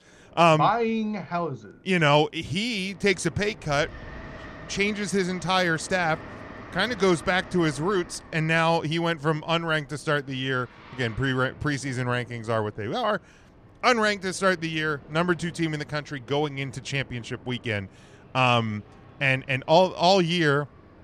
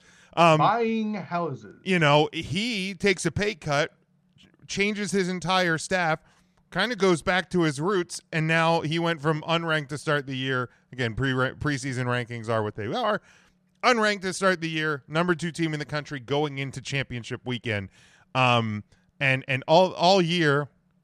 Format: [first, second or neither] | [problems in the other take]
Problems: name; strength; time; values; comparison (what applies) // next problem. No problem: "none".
second | train or aircraft noise; faint; throughout; 20 dB below the speech